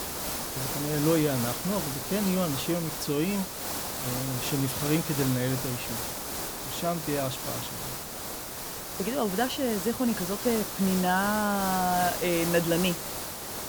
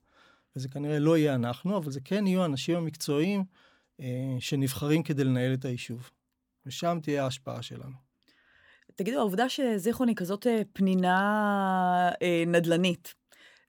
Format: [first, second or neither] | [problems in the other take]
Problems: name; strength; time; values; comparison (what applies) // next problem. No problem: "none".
second | hiss; loud; throughout; 3 dB below the speech